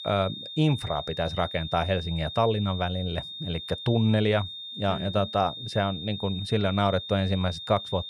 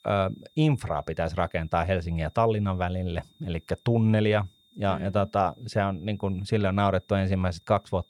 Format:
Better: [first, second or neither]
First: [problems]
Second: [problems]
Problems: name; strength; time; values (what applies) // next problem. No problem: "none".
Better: second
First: high-pitched whine; loud; throughout; 3.5 kHz, 9 dB below the speech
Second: high-pitched whine; faint; throughout; 3.5 kHz, 35 dB below the speech